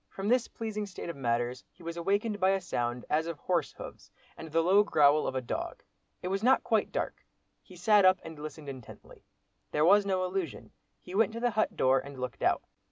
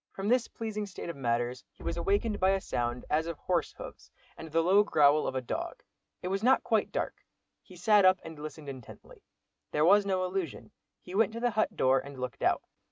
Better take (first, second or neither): first